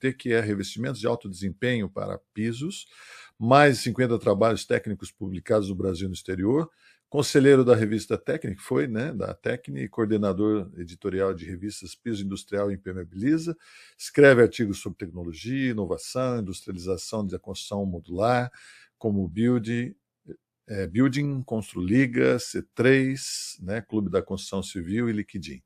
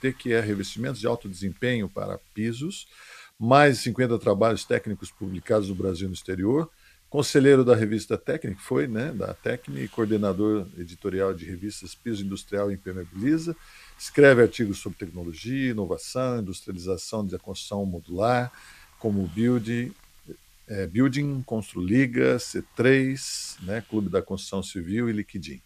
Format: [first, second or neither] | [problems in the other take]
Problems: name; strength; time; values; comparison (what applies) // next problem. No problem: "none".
first | hiss; faint; throughout; 30 dB below the speech